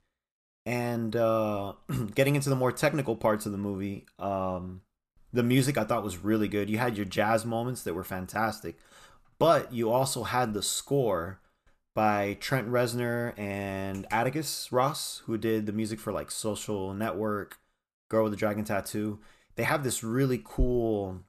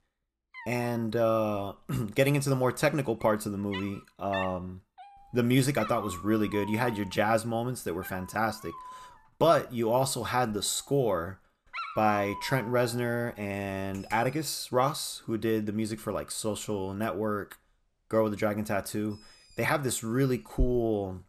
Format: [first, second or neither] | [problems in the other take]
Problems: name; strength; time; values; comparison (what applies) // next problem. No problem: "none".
first | animal sounds; noticeable; throughout; 15 dB below the speech